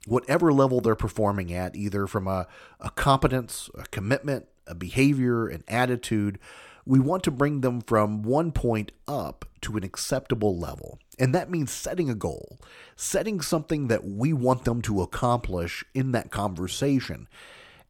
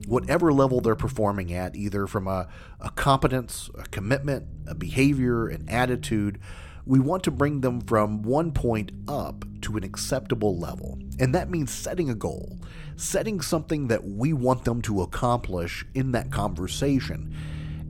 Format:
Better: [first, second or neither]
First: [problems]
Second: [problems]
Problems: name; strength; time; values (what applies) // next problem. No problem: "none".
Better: first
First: none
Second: low rumble; faint; throughout; 20 dB below the speech